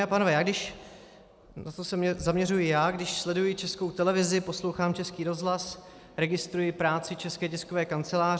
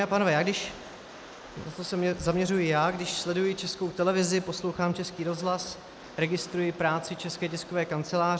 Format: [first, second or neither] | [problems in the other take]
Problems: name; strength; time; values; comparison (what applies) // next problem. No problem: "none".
first | background sound (Rain); 18 dB below the speech